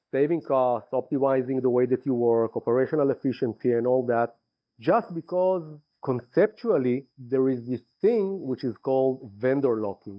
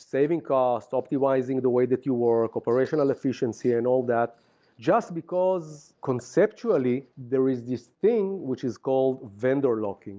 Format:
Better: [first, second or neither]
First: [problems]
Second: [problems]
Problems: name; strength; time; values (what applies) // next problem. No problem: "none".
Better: second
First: noise reduction (neural mask model DeepFilterNet 3)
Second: none